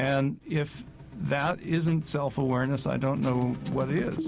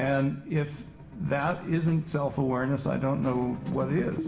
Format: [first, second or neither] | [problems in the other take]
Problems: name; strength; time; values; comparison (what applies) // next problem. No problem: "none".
first | room echo; dies away in 0.8 s